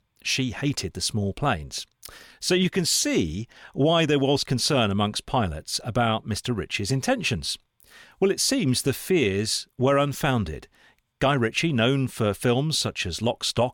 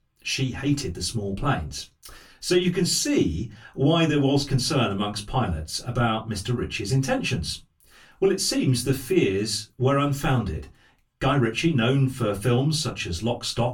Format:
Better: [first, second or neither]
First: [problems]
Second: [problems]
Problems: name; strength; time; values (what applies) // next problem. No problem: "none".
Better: first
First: none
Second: off-mic speech; far // room echo; very slight; dies away in 0.2 s